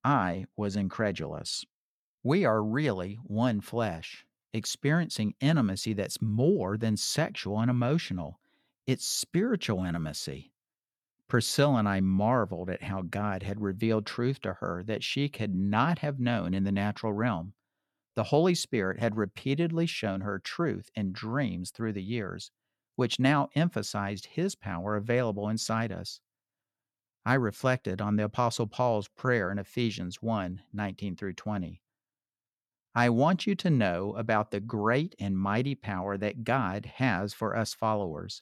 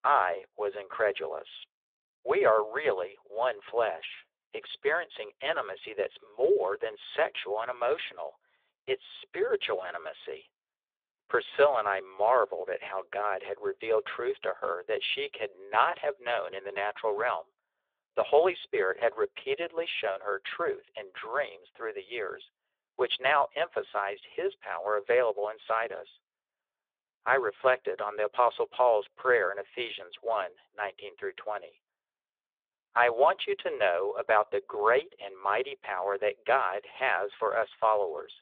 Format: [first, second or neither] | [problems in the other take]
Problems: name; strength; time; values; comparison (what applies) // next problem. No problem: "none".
first | phone-call audio